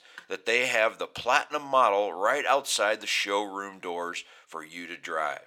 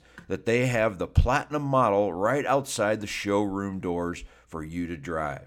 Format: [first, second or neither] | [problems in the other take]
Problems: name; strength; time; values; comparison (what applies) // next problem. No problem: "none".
second | thin; very; fading below 600 Hz